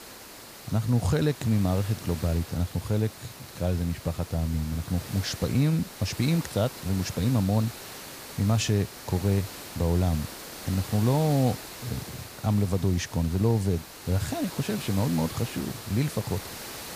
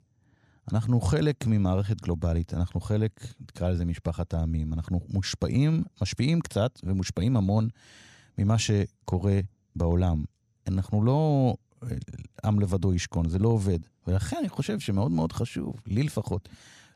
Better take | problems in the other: second | hiss; noticeable; throughout; 10 dB below the speech

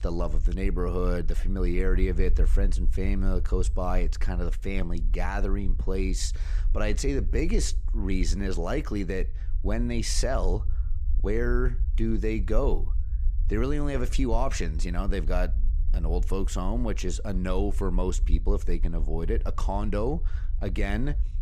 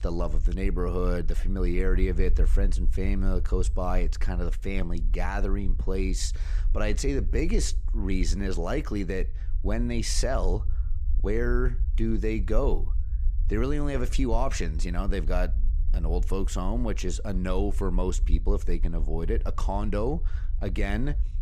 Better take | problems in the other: neither | low rumble; faint; throughout; 20 dB below the speech; the same in both

